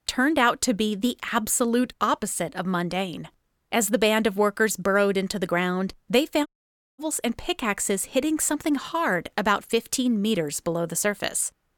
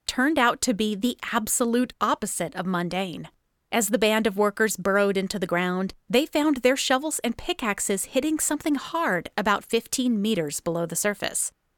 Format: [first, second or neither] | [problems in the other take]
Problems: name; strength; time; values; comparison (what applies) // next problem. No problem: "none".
second | audio cutting out; at 6.5 s for 0.5 s